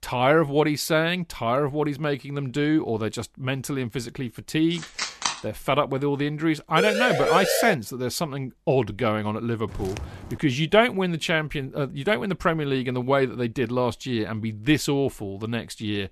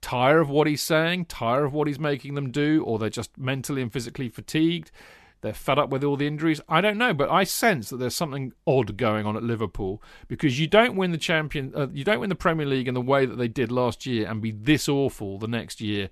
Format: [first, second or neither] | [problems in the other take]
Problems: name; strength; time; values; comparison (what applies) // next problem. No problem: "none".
second | phone ringing; noticeable; at 5 s; peak 2 dB below the speech // siren; loud; at 7 s; peak 1 dB above the speech // footsteps; faint; at 9.5 s; peak 10 dB below the speech